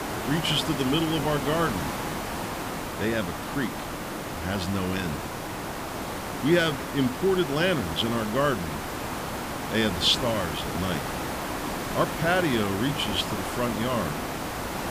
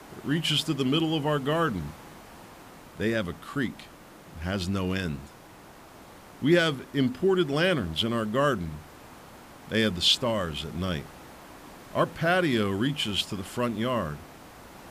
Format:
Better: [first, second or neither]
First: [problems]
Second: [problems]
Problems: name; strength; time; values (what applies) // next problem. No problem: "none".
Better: second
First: hiss; loud; throughout; 5 dB below the speech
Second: hiss; faint; throughout; 20 dB below the speech